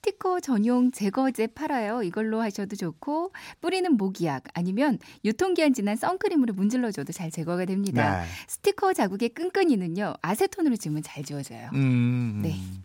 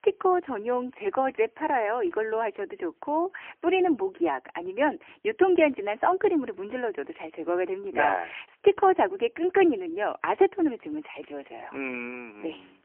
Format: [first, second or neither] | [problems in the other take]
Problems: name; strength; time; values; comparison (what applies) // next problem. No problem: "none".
first | phone-call audio; poor line; nothing above 3 kHz